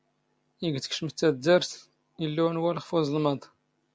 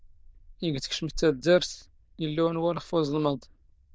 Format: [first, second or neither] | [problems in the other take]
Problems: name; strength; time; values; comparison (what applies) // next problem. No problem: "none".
first | noise reduction (neural diffusion model UNIVERSE++)